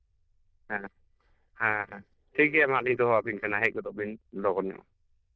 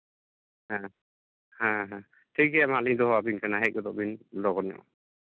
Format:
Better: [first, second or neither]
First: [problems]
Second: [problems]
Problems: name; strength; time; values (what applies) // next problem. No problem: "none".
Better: second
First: noise reduction (neural diffusion model UNIVERSE++)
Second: none